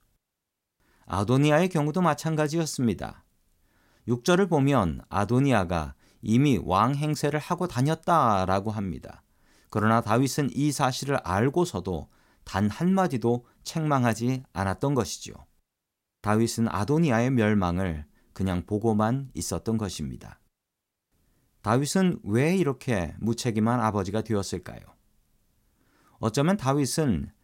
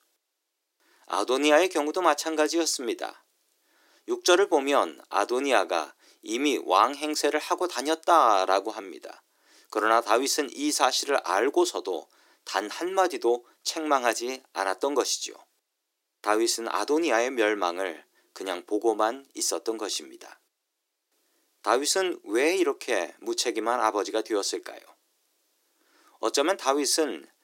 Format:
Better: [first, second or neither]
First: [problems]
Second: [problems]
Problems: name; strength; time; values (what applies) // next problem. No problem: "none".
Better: first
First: none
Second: thin; very; fading below 300 Hz